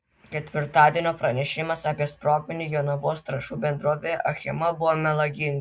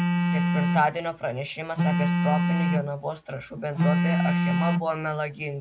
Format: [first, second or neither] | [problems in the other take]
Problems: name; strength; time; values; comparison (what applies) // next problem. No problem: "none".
first | background sound (Telephone); 4 dB above the speech